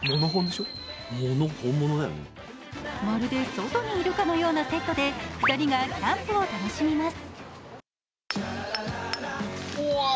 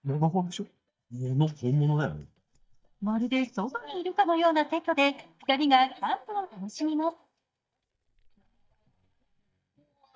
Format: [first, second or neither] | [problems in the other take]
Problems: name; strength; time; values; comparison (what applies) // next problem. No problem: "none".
first | noise reduction (neural mask model DeepFilterNet 3)